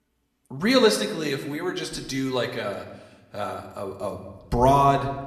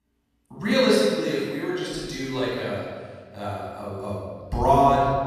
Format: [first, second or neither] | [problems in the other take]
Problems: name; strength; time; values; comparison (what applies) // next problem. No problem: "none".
first | room echo; strong; dies away in 1.6 s; slight in the first // off-mic speech; far